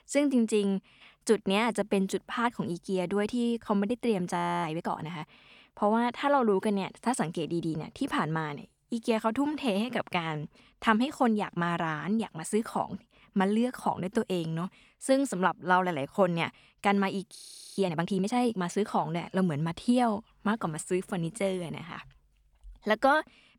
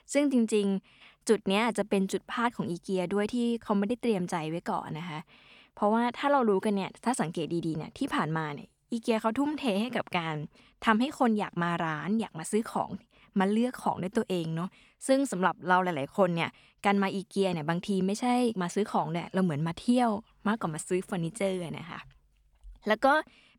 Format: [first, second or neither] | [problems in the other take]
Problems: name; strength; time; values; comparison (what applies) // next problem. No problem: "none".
second | audio freezing; at 4.5 s and at 17 s